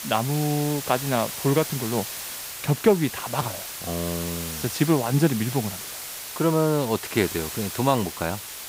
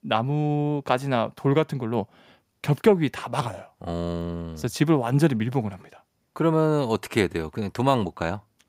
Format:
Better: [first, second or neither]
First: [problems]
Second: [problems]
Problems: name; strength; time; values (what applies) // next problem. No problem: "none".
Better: second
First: hiss; loud; throughout; 7 dB below the speech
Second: none